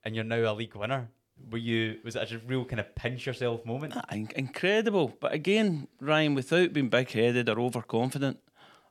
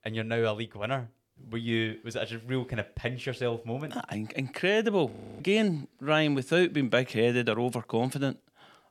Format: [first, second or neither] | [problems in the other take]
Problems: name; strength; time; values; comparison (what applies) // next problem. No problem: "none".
first | audio freezing; at 5 s